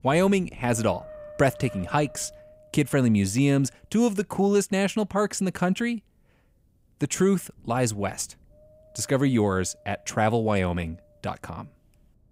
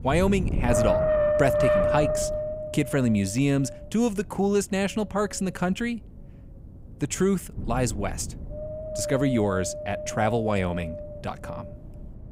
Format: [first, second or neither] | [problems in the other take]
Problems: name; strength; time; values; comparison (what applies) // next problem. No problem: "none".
first | wind noise on the microphone; heavy; 2 dB above the speech; occasional gusts in the first